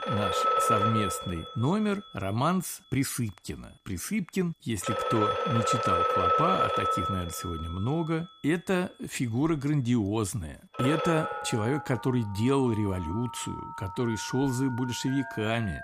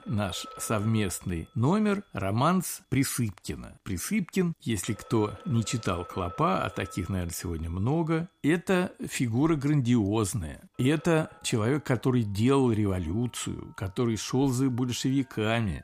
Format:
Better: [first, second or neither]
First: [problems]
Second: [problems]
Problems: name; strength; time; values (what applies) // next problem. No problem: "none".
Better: second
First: alarms or sirens; loud; throughout; as loud as the speech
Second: alarms or sirens; faint; throughout; 20 dB below the speech